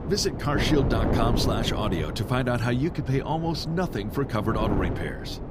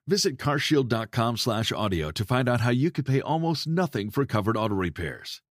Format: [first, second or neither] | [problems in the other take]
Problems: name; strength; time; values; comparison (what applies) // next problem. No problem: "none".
second | wind noise on the microphone; heavy; 6 dB below the speech